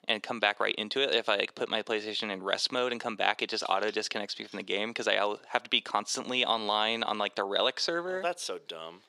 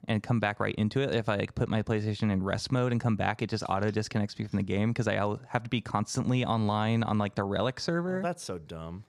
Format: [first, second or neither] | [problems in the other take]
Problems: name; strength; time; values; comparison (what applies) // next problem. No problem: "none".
second | thin; very; fading below 350 Hz